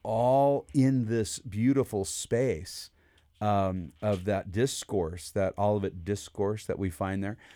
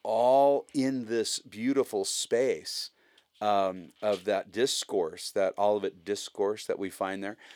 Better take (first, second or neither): first